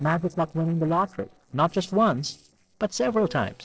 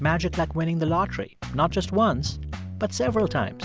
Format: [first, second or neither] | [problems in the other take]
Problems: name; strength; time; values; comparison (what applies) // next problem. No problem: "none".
second | noise reduction (neural separator model SepFormer DNS4)